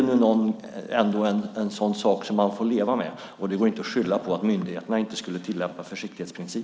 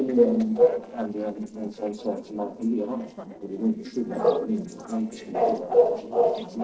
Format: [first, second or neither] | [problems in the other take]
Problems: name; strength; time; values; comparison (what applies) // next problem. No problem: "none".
first | noise reduction (neural separator model SepFormer DNS4)